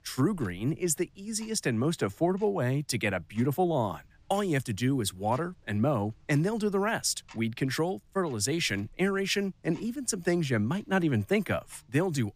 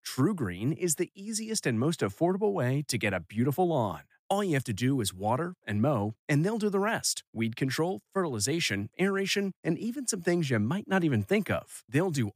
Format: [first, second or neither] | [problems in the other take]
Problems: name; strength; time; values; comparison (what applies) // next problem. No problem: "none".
second | household noises; faint; throughout; 30 dB below the speech